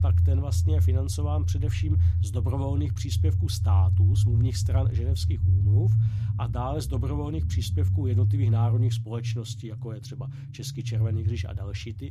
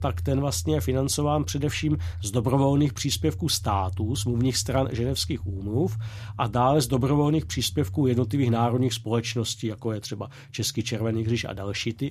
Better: second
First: low rumble; loud; throughout; 2 dB below the speech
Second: low rumble; faint; throughout; 25 dB below the speech

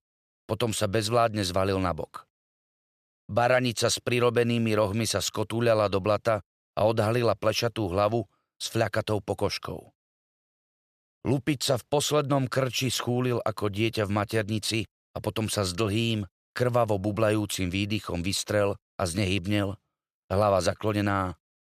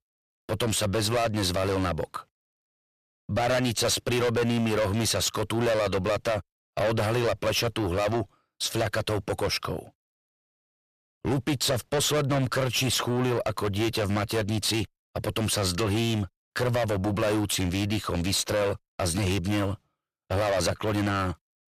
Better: first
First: none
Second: distortion; heavy; 5 dB below the speech

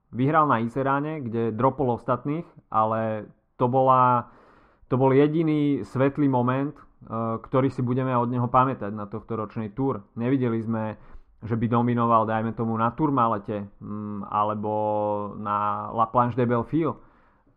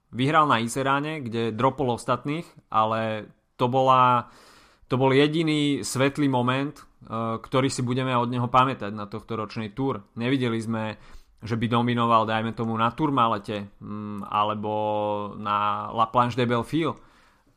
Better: second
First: muffled; very; fading above 3 kHz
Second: none

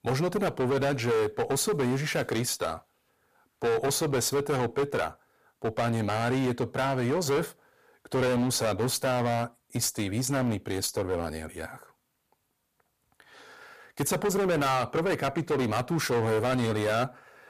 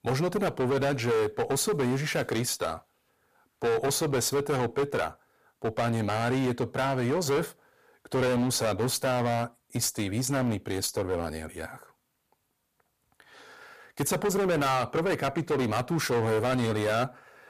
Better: neither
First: distortion; heavy; 16% of the sound clipped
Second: distortion; heavy; 16% of the sound clipped

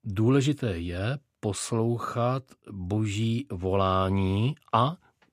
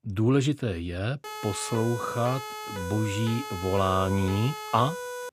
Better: first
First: none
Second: siren; noticeable; from 1 s on; peak 8 dB below the speech

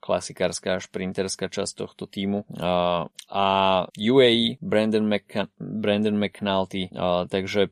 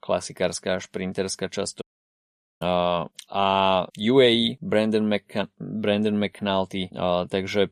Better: first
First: none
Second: audio cutting out; at 2 s for 1 s

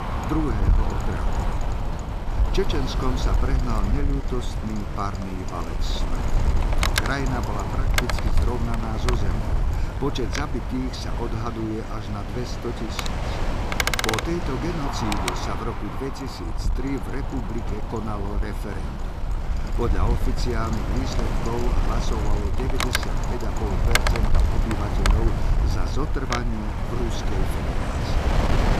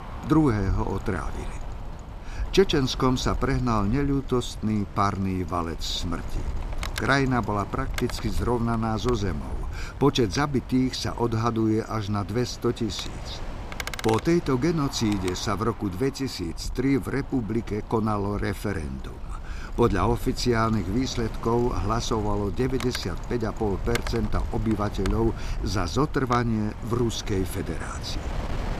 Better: second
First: wind noise on the microphone; heavy; 2 dB above the speech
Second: wind noise on the microphone; occasional gusts; 10 dB below the speech

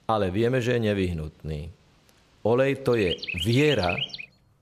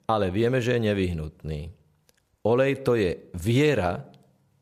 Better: second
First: animal sounds; loud; throughout; 6 dB below the speech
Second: none

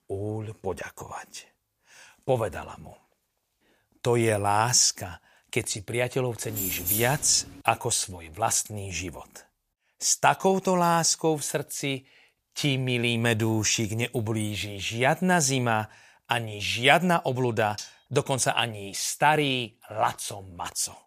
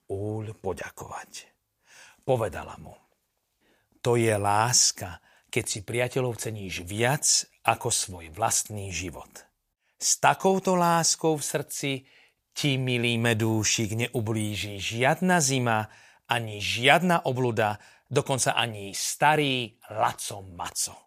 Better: second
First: jangling keys; noticeable; at 6.5 s; peak level with the speech // clattering dishes; faint; at 18 s; peak 15 dB below the speech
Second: none

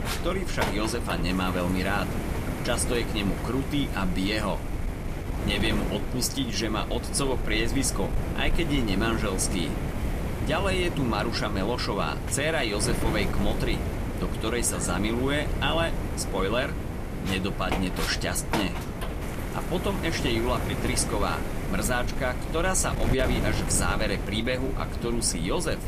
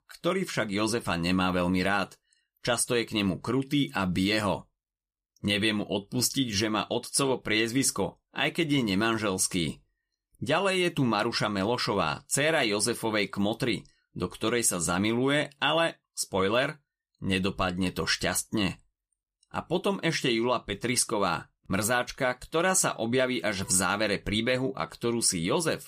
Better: second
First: wind noise on the microphone; heavy; 6 dB below the speech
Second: none

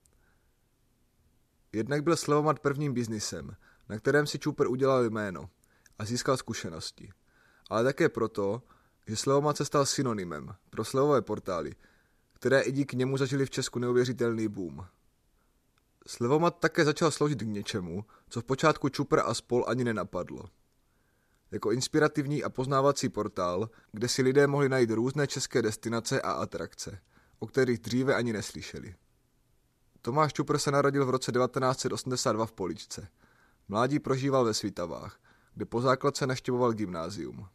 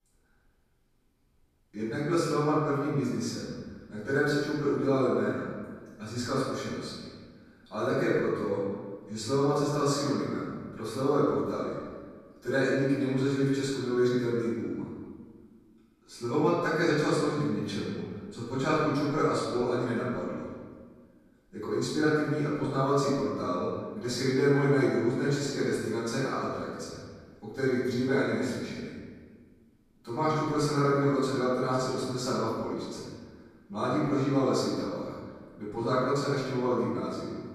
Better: first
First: none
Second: off-mic speech; far // room echo; strong; dies away in 1.4 s

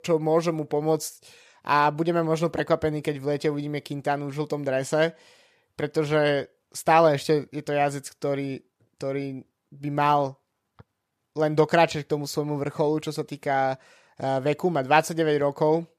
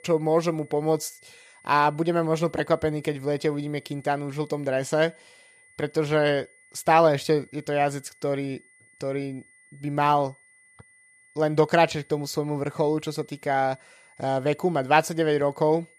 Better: first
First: none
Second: high-pitched whine; faint; throughout; 2 kHz, 30 dB below the speech

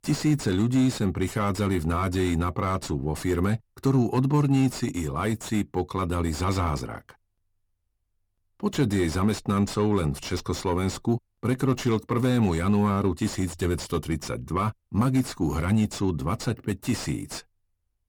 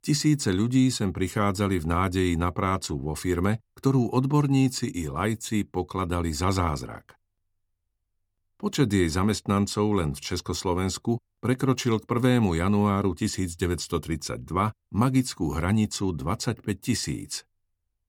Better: second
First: distortion; slight; 10 dB below the speech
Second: none

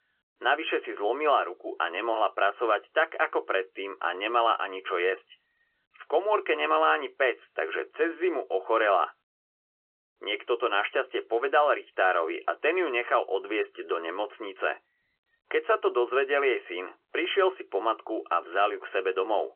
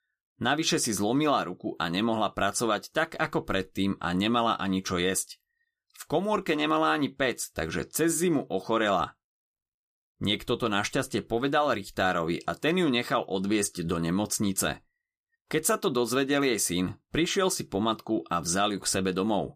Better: second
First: phone-call audio; nothing above 3 kHz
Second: none

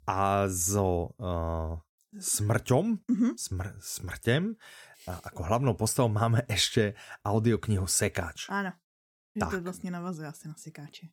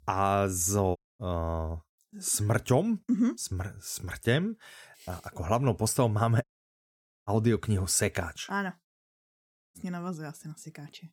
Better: first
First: none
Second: audio cutting out; at 1 s, at 6.5 s for 1 s and at 9.5 s

